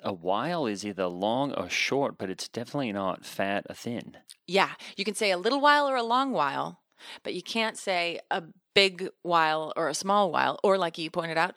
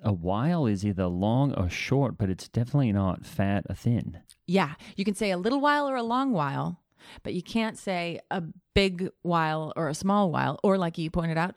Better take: second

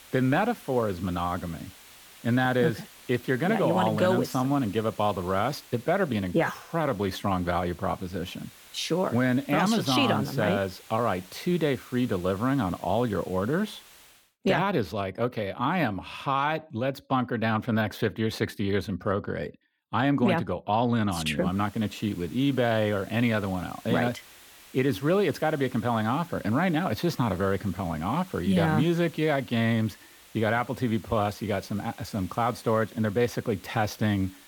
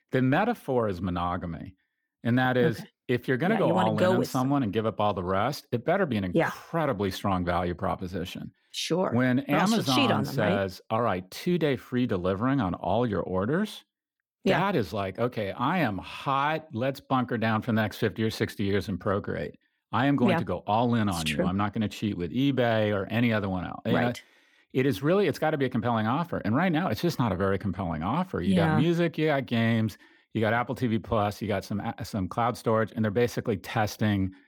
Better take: second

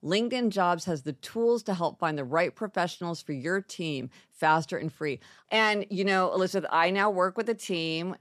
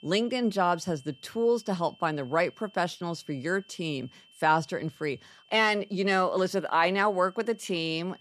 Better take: first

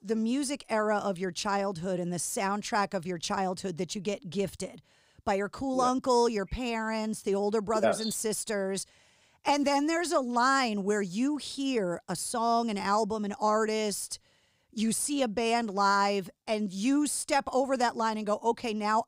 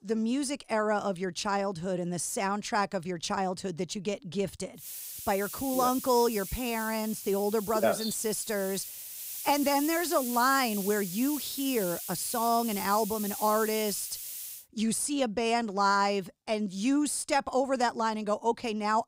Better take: first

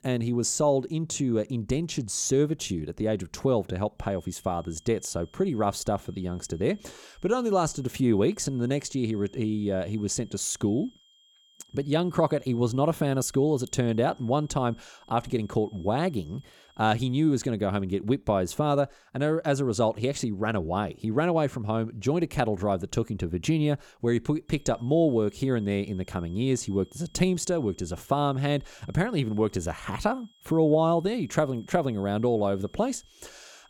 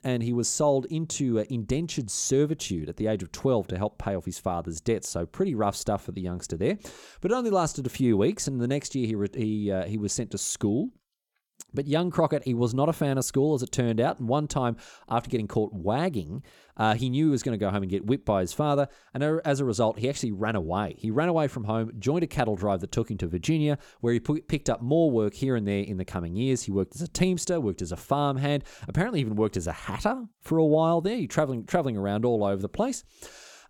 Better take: second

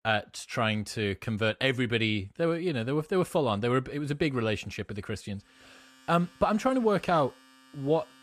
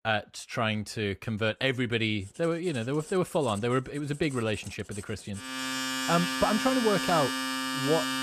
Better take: first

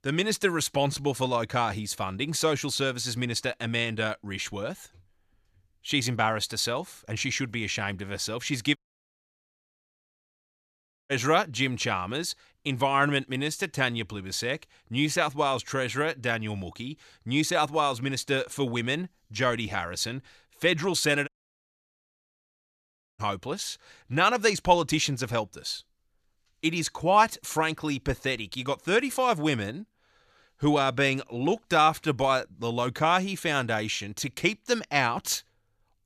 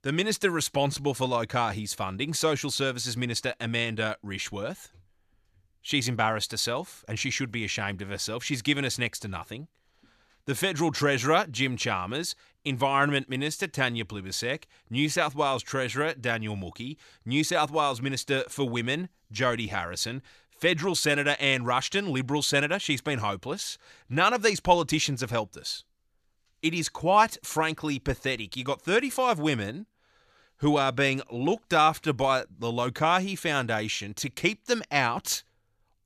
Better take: second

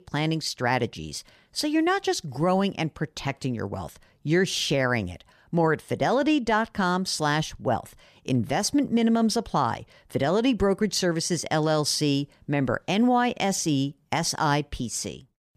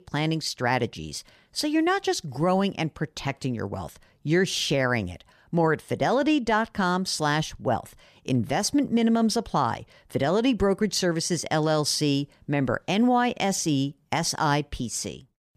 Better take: neither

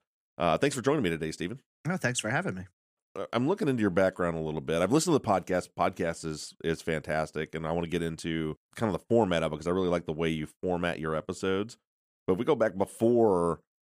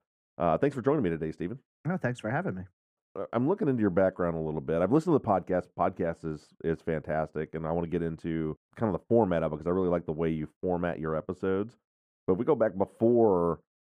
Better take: first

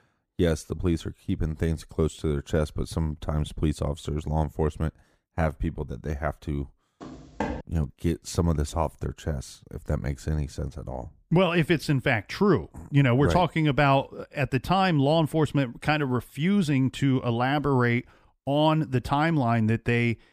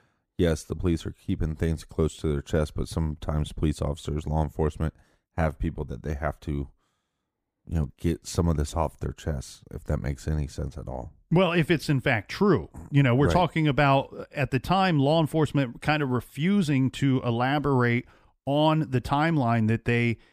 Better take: second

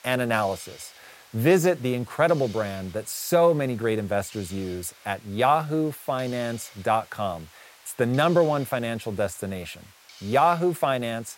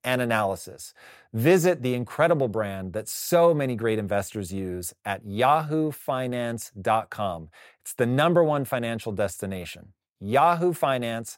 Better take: second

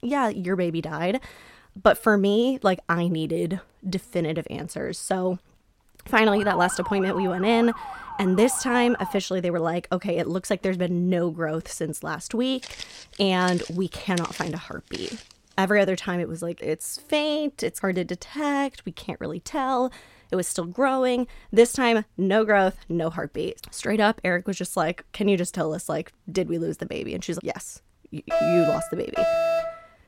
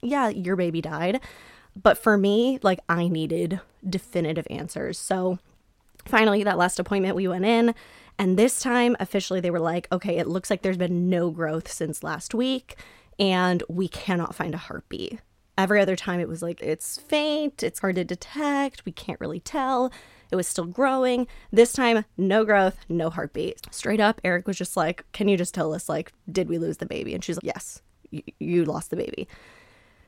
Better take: second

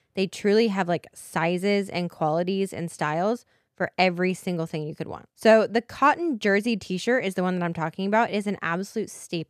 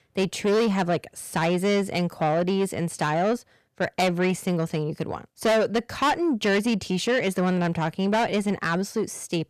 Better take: first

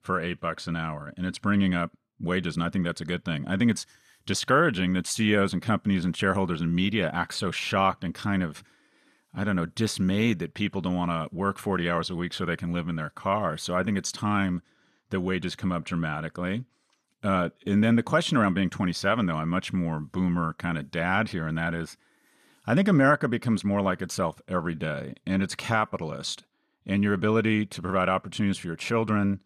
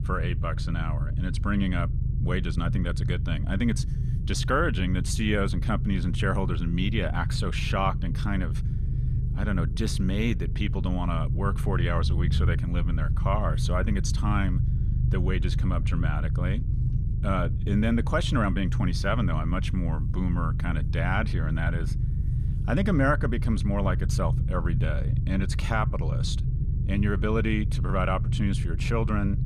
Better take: first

